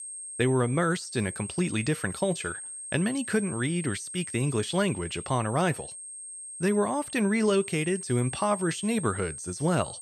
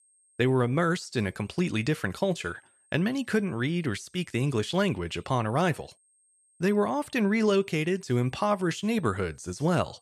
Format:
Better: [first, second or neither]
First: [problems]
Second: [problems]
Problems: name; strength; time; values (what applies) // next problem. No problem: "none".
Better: second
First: high-pitched whine; loud; throughout; 8.5 kHz, 9 dB below the speech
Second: high-pitched whine; faint; throughout; 8.5 kHz, 35 dB below the speech